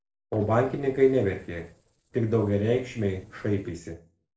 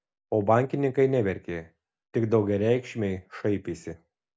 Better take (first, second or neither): second